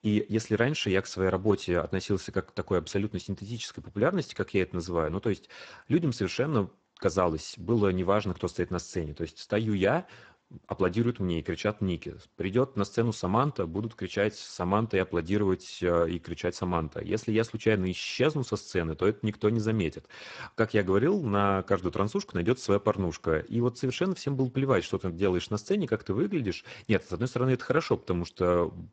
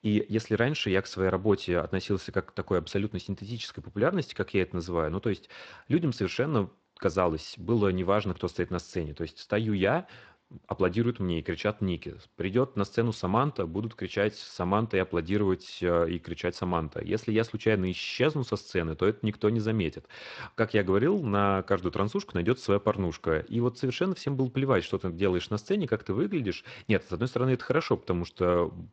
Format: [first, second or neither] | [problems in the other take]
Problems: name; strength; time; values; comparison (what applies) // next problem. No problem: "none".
second | garbled, watery; badly; nothing above 7.5 kHz; slightly in the second